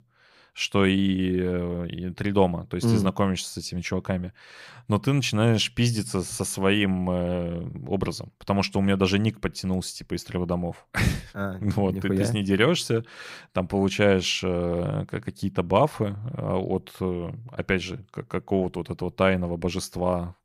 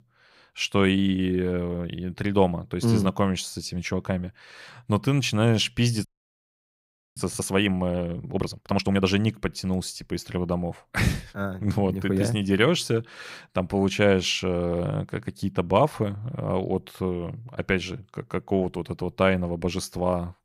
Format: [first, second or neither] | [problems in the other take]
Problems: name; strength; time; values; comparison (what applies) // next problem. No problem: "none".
first | audio freezing; at 6 s for 1 s